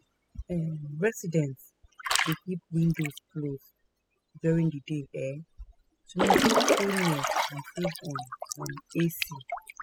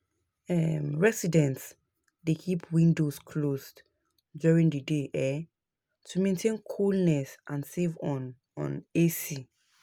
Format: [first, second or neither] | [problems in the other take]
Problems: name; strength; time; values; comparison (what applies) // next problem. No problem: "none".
second | noise reduction (classical method spectral subtraction)